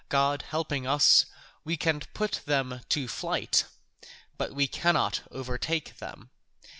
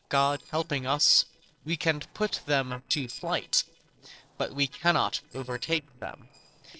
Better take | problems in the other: first | noise reduction (neural separator model SepFormer DNS4)

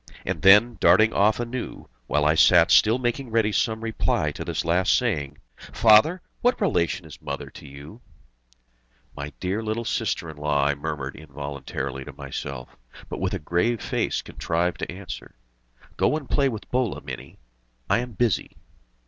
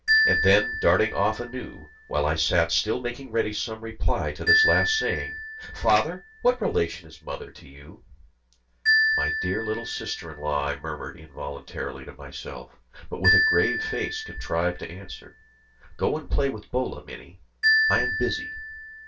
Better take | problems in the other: first | background sound (Marimba, xylophone); 2 dB below the speech // room echo; dies away in 0.2 s

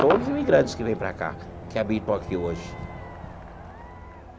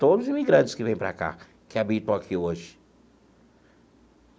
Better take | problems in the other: second | background sound (Crowd / Cheering / Fireworks); 7 dB below the speech

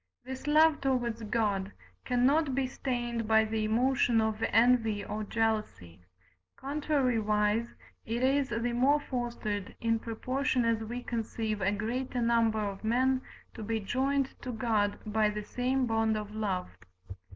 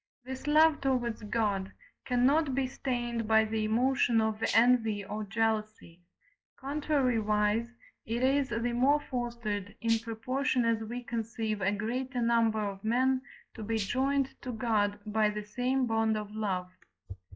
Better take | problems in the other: first | noise reduction (classical method log-MMSE)

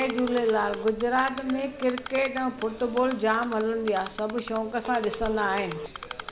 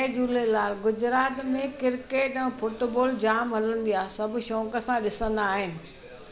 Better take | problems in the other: second | background sound (Typing + Telephone); 12 dB below the speech

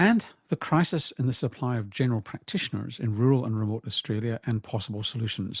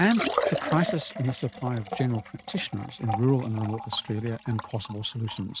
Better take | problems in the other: first | noise reduction (neural mask model RNNoise)

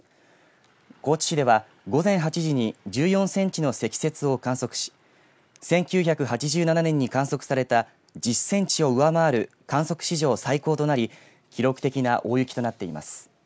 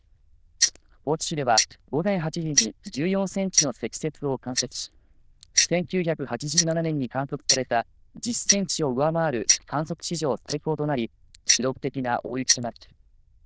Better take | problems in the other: first | noise reduction (neural diffusion model UNIVERSE++)

